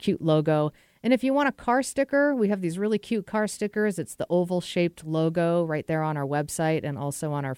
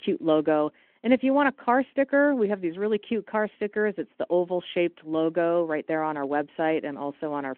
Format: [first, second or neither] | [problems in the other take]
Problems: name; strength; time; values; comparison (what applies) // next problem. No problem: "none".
first | phone-call audio